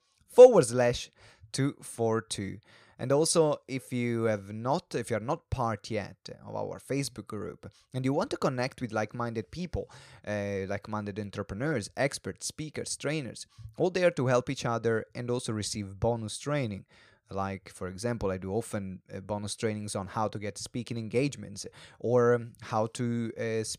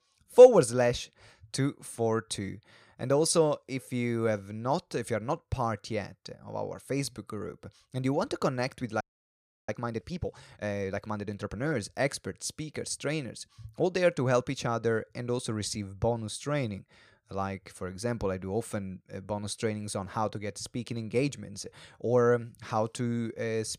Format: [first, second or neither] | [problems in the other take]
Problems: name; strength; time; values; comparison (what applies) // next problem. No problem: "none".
first | audio freezing; at 9 s for 0.5 s